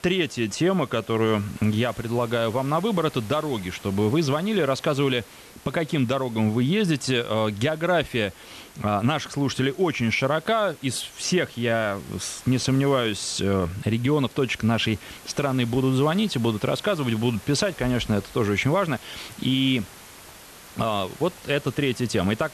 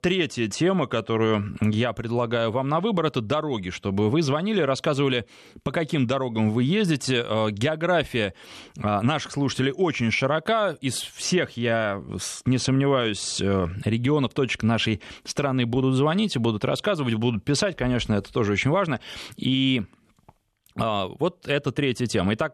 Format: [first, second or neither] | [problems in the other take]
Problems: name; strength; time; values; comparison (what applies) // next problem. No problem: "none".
second | hiss; faint; throughout; 20 dB below the speech